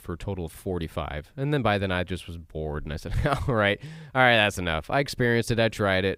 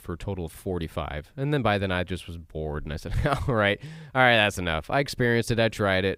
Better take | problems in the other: neither | none

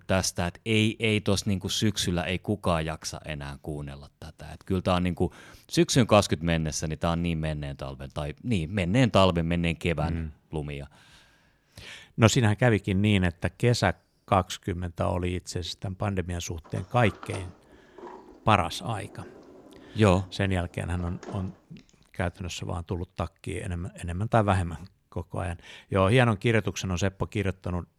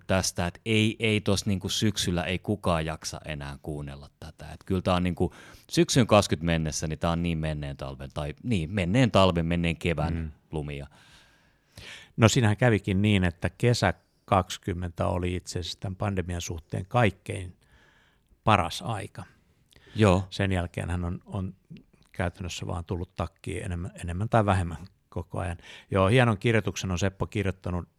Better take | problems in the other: second | door banging; faint; from 17 to 22 s; peak 15 dB below the speech

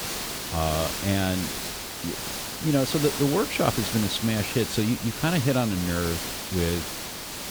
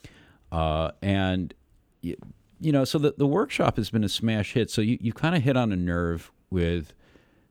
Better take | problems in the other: second | hiss; loud; throughout; 4 dB below the speech

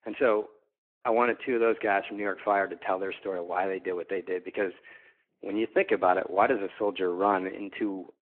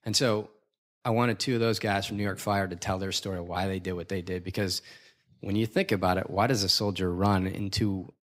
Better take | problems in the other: second | phone-call audio

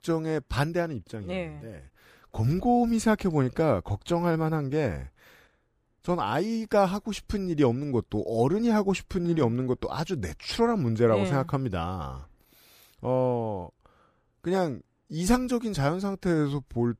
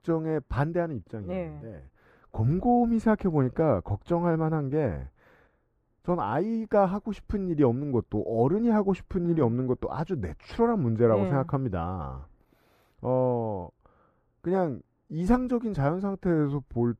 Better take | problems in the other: first | muffled; very; fading above 2.5 kHz

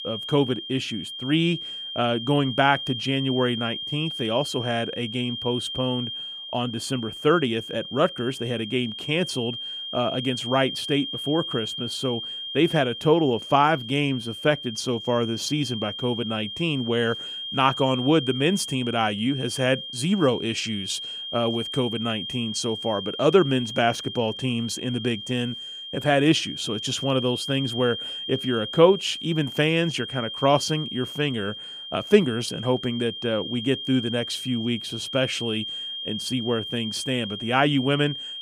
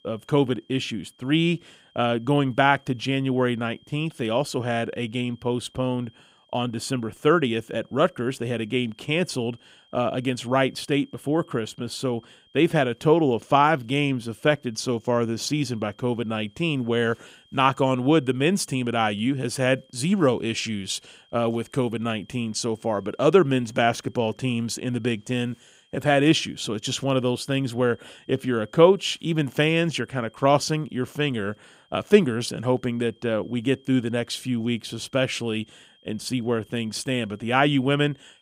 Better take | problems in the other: second | high-pitched whine; loud; throughout; 3 kHz, 7 dB below the speech; faint in the second

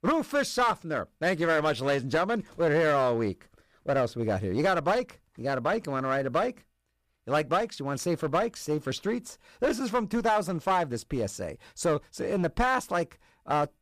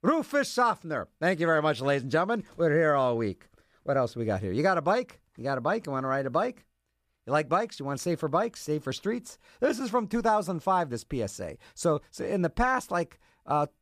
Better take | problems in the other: second | distortion; slight; 7% of the sound clipped

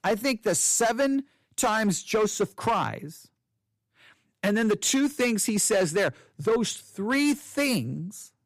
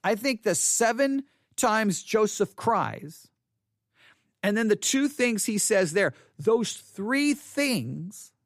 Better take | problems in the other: second | distortion; slight; 7% of the sound clipped

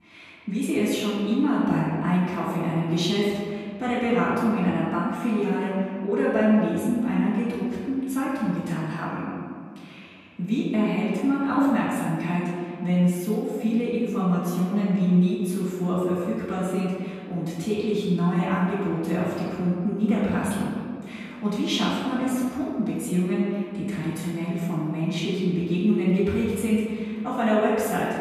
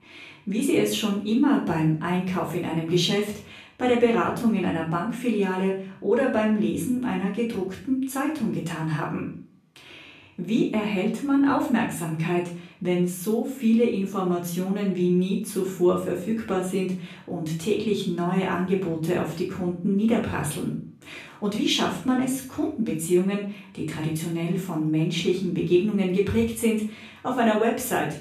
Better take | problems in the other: second | room echo; strong; dies away in 1.9 s; slight in the second // off-mic speech; far; far in the second

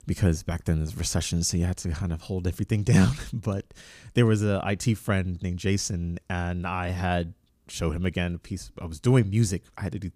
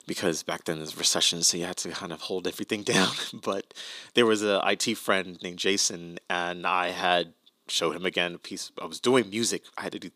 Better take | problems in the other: first | thin; somewhat; fading below 300 Hz

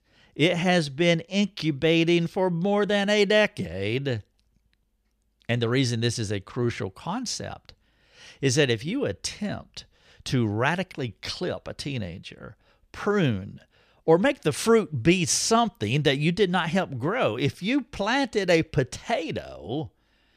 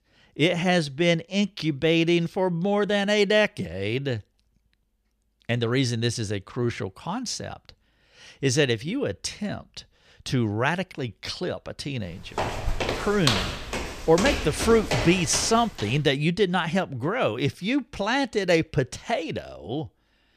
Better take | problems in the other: first | footsteps; loud; from 12 to 16 s; peak 1 dB above the speech

